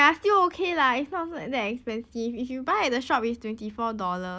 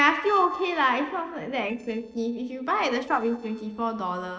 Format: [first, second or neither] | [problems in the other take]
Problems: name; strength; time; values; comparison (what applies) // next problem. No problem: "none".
first | noise reduction (neural separator model SepFormer DNS4)